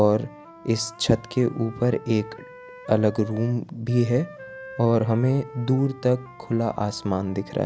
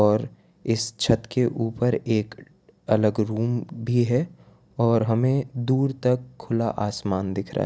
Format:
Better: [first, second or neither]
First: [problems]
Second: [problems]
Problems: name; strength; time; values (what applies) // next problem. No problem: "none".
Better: second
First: background sound (Wind instrument, woodwind instrument); 19 dB below the speech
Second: none